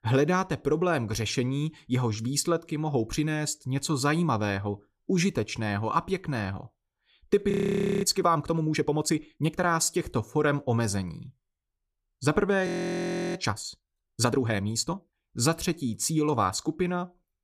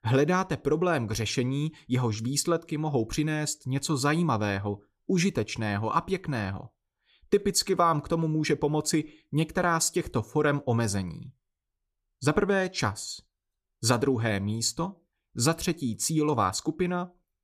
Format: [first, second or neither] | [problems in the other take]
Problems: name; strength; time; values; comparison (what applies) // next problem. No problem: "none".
second | audio freezing; at 7.5 s for 0.5 s and at 13 s for 0.5 s